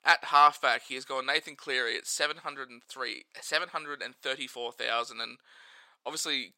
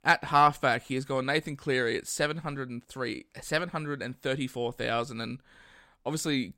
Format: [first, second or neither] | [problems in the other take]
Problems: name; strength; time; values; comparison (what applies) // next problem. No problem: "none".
second | thin; very; fading below 550 Hz